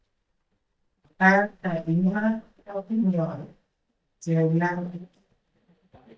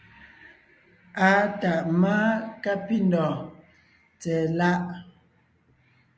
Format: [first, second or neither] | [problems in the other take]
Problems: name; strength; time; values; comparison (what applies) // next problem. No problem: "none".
second | noise reduction (neural mask model DeepFilterNet 3)